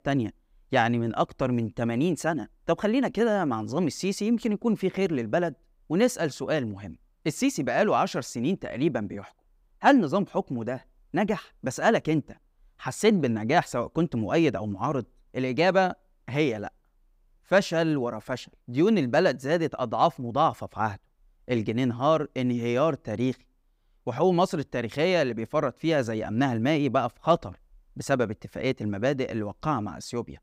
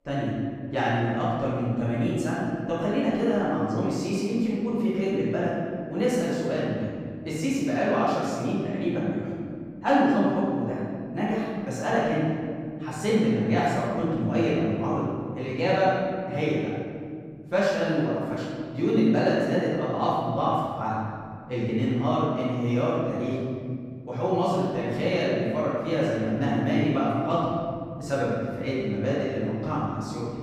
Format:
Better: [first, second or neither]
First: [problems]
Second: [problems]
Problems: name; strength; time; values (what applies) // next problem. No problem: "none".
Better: first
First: none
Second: room echo; strong; dies away in 2.2 s // off-mic speech; far